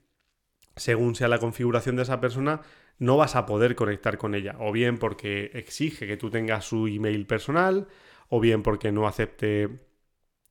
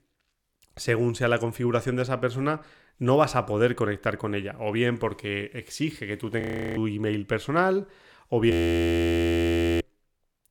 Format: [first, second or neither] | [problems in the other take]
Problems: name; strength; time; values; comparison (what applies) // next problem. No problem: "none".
first | audio freezing; at 6.5 s and at 8.5 s for 1.5 s